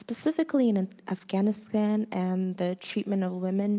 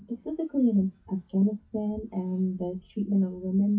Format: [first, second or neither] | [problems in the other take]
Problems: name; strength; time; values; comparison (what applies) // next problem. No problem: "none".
first | noise reduction (classical method WPE with log-MMSE)